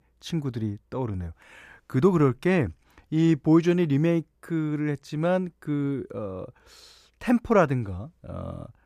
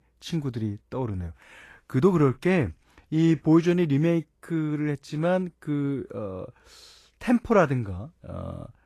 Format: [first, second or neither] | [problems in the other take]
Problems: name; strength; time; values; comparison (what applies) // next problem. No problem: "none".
first | garbled, watery; slightly; nothing above 12.5 kHz